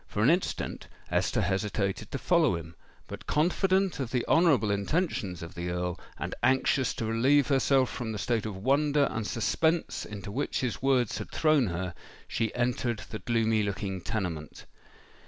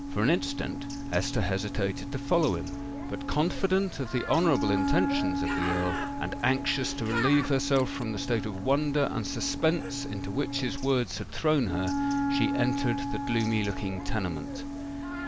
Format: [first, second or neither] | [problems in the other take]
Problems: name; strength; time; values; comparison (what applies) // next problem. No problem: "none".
first | background sound (Bird + Wind instrument, woodwind instrument); 4 dB below the speech